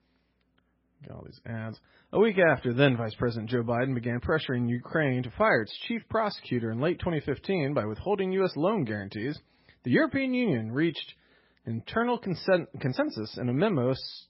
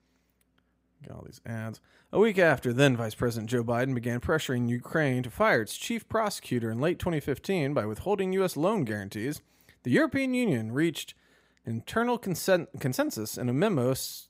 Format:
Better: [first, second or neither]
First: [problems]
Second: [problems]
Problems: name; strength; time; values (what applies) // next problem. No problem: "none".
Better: second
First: garbled, watery; badly; nothing above 5.5 kHz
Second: none